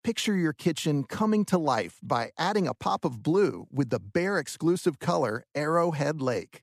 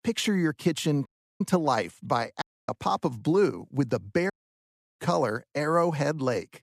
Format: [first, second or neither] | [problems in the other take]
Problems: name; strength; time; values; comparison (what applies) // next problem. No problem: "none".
first | audio cutting out; at 1 s, at 2.5 s and at 4.5 s for 0.5 s